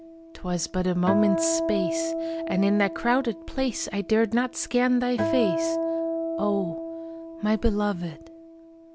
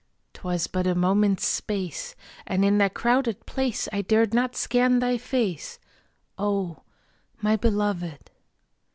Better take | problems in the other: second | background sound (Acoustic guitar); 4 dB below the speech

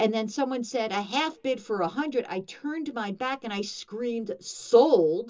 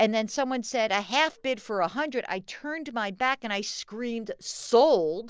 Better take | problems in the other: second | room echo; dies away in 0.2 s

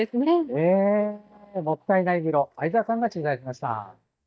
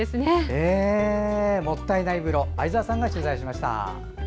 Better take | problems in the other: second | noise reduction (neural mask model DeepFilterNet 3)

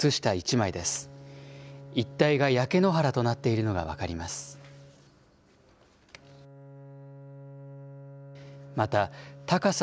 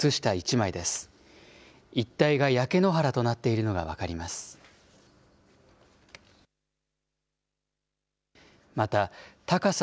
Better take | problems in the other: second | background sound (Bowed string instrument); 18 dB below the speech

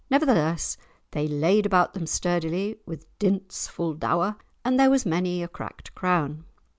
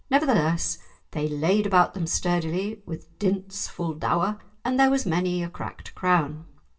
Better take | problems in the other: first | room echo; dies away in 0.2 s

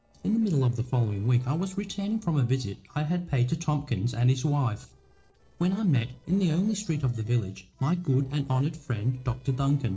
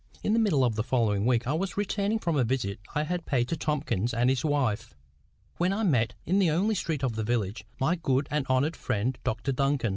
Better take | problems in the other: second | noise reduction (neural separator model SepFormer DNS4)

